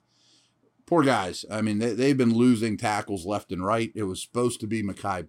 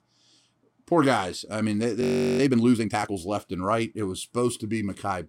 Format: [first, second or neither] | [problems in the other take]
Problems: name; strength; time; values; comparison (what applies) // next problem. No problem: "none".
first | audio freezing; at 2 s